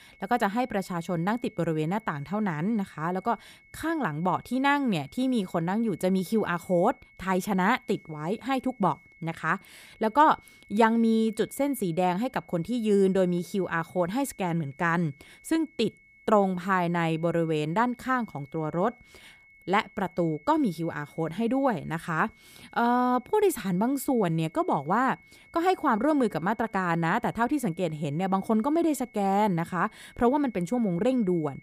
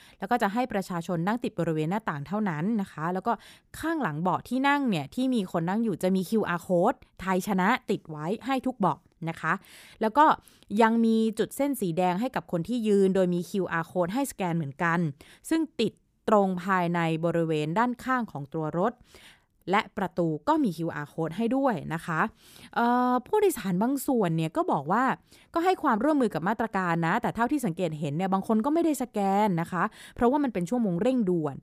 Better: second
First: high-pitched whine; faint; throughout; 2 kHz, 25 dB below the speech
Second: none

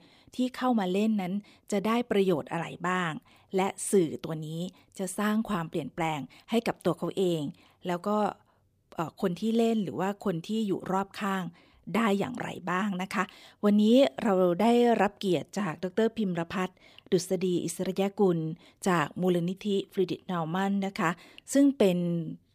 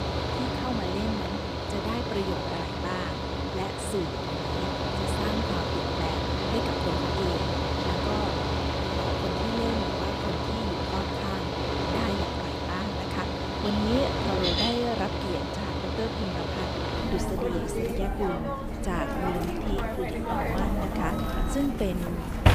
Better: first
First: none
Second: machinery noise; very loud; throughout; 5 dB above the speech

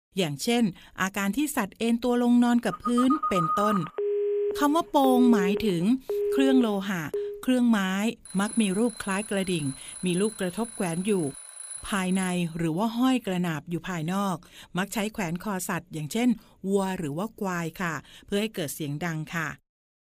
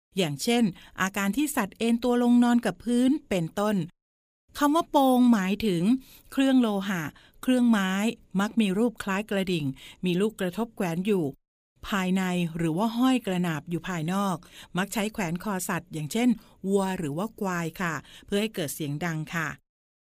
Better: second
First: phone ringing; loud; from 2.5 to 7.5 s; peak 1 dB above the speech // alarm; noticeable; from 8.5 to 12 s; peak 9 dB below the speech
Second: none

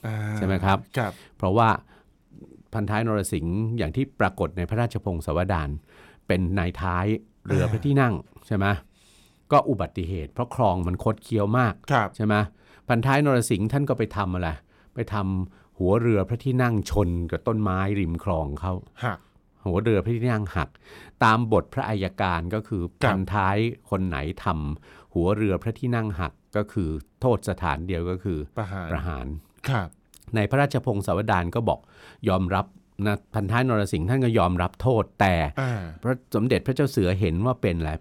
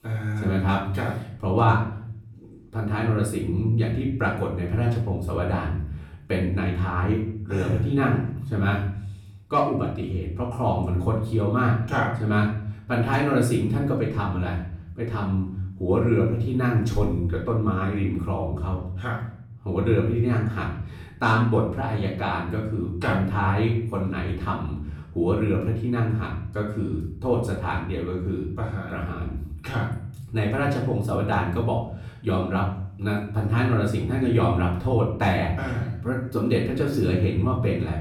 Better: first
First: none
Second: room echo; noticeable; dies away in 0.7 s // off-mic speech; far

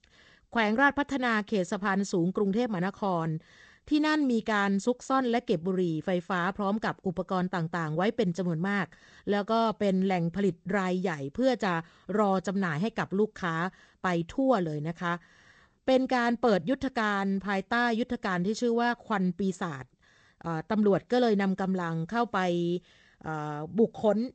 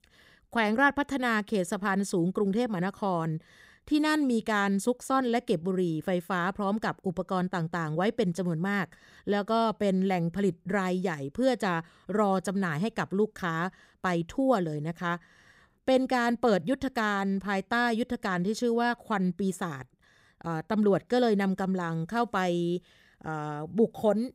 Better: second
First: garbled, watery; slightly; nothing above 8 kHz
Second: none

